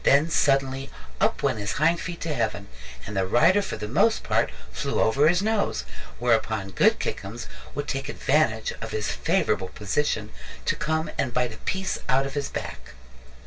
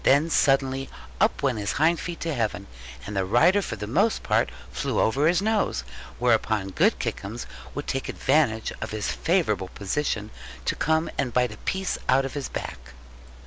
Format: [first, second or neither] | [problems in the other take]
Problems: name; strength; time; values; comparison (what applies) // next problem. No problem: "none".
second | room echo; dies away in 0.1 s